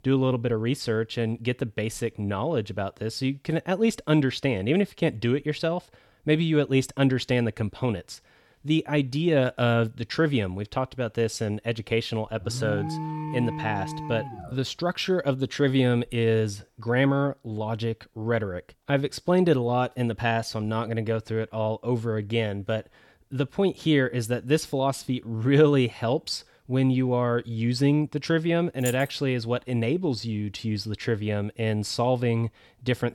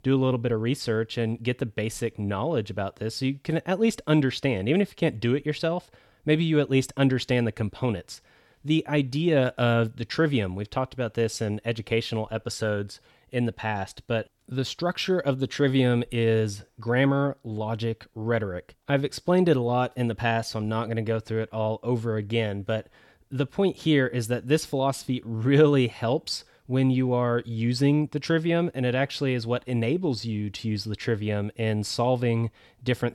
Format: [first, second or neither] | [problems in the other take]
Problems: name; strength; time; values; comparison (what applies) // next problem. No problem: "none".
second | alarm; noticeable; from 12 to 15 s; peak 5 dB below the speech // jangling keys; noticeable; at 29 s; peak 10 dB below the speech